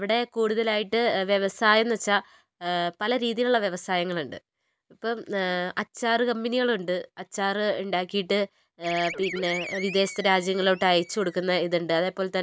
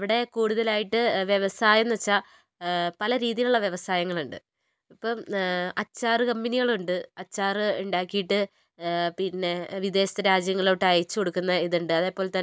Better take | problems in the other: second | background sound (Animal); 12 dB below the speech

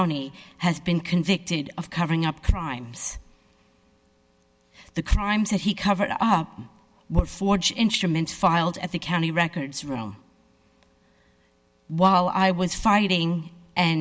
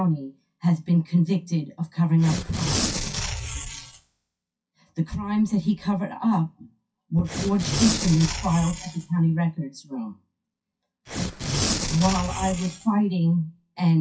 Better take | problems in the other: first | noise reduction (classical method WPE with log-MMSE)

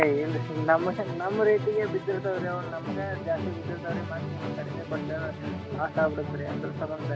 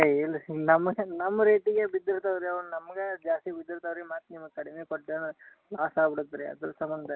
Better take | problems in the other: second | background sound (Musical instrument); 5 dB below the speech

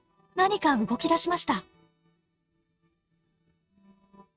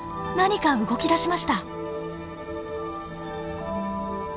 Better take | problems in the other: second | noise reduction (neural mask model RNNoise)

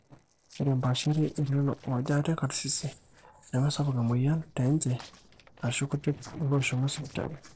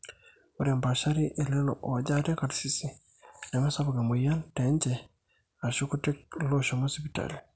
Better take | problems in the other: second | noise reduction (neural separator model SepFormer DNS4)

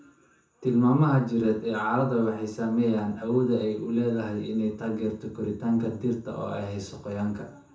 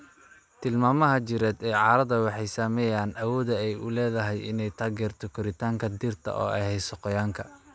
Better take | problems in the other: second | room echo; dies away in 0.6 s

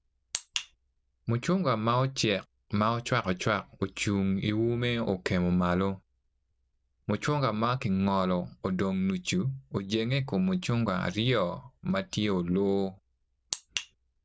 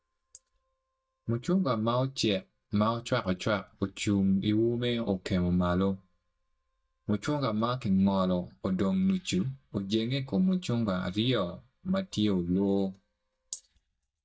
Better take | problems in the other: first | noise reduction (neural mask model DeepFilterNet 3)

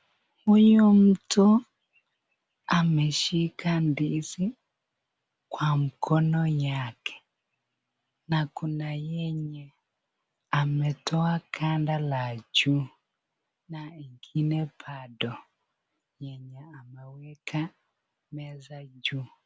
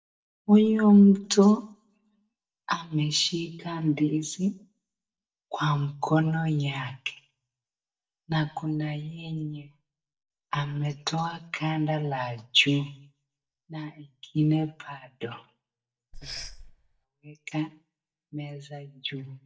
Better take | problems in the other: first | noise reduction (neural mask model DeepFilterNet 3)

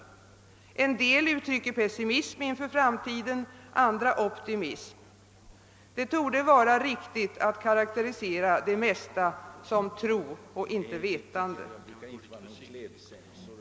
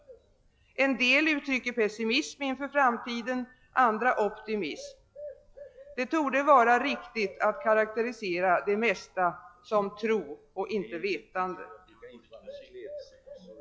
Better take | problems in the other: first | noise reduction (classical method log-MMSE)

